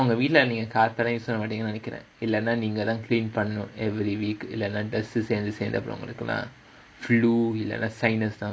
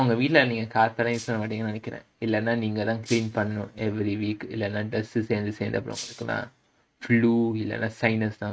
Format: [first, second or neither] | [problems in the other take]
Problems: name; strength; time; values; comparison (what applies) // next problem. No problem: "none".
first | noise reduction (neural mask model RNNoise)